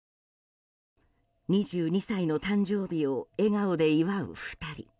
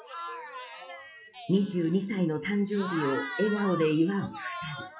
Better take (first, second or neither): first